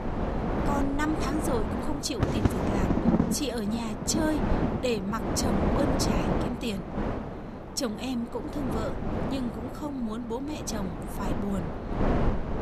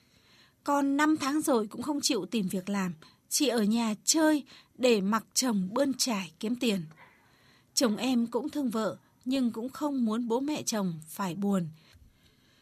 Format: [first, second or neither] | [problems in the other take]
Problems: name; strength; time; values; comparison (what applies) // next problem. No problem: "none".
second | wind noise on the microphone; heavy; 1 dB above the speech